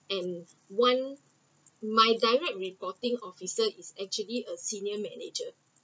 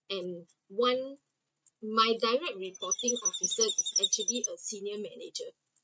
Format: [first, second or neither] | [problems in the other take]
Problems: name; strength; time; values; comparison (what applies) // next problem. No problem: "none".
first | noise reduction (neural mask model RNNoise)